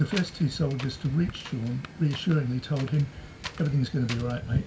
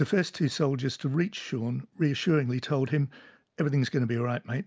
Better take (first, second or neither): second